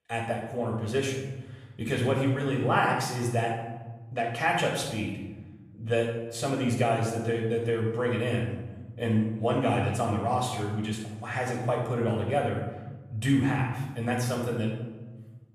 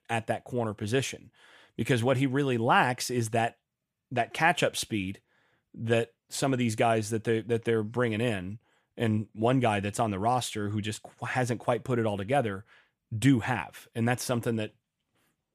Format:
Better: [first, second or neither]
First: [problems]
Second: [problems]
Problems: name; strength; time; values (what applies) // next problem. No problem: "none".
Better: second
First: off-mic speech; far // room echo; noticeable; dies away in 1.2 s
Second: none